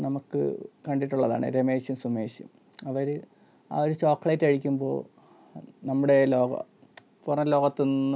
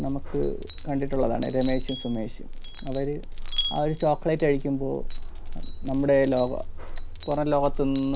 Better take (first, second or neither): first